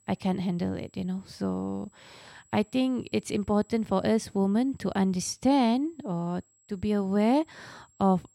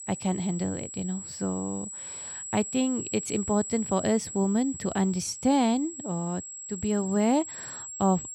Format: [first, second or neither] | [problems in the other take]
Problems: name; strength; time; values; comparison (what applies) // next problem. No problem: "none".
first | high-pitched whine; loud; throughout; 7.5 kHz, 8 dB below the speech; faint in the first